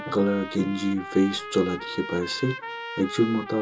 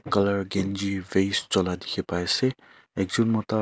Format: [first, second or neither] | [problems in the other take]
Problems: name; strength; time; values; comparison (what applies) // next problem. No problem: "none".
second | background sound (Trumpet); 11 dB below the speech // room echo; dies away in 0.2 s